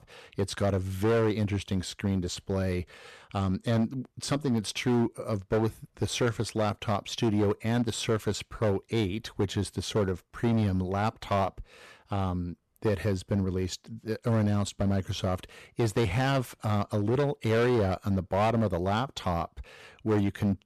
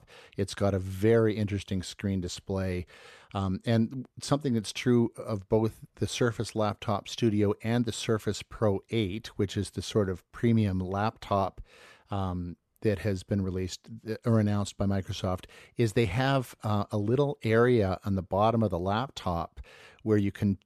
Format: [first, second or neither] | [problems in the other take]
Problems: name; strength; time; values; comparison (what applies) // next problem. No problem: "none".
second | distortion; slight; 9% of the sound clipped